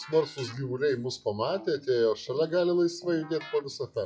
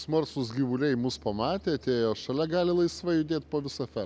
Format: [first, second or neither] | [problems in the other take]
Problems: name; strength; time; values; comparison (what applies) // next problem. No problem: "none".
second | noise reduction (classical method WPE with log-MMSE)